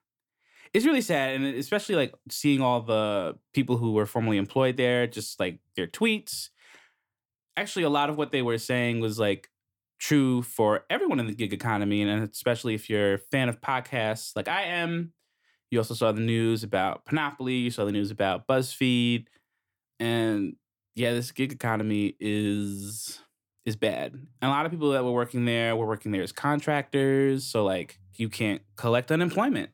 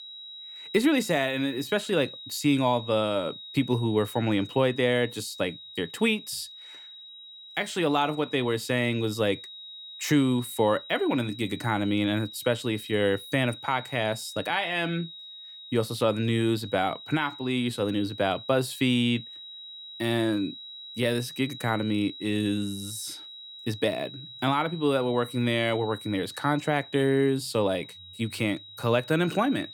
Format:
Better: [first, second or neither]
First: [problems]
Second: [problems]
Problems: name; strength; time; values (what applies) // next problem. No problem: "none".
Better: first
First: none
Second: high-pitched whine; noticeable; throughout; 4 kHz, 15 dB below the speech